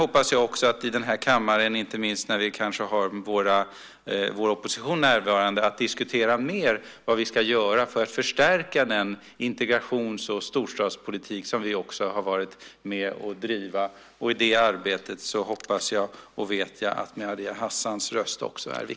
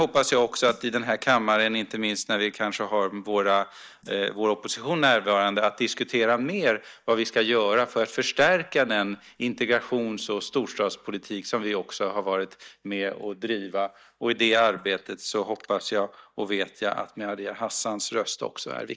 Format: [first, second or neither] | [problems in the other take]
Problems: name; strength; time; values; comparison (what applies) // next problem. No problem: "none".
first | noise reduction (neural mask model DeepFilterNet 3)